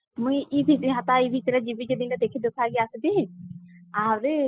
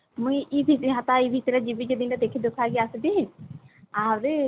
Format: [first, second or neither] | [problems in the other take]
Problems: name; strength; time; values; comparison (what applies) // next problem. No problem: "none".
second | noise reduction (classical method spectral subtraction)